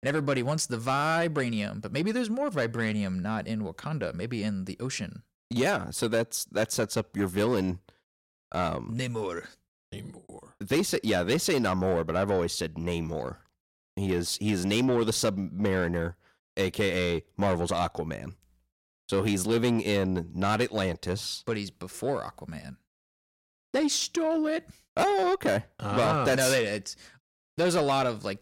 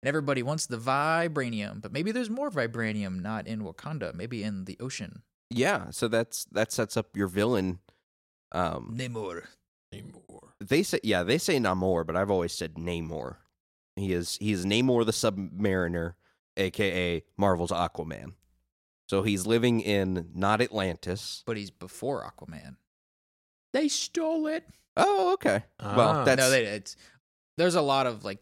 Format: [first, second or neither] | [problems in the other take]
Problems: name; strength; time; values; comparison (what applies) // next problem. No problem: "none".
second | distortion; slight; 10 dB below the speech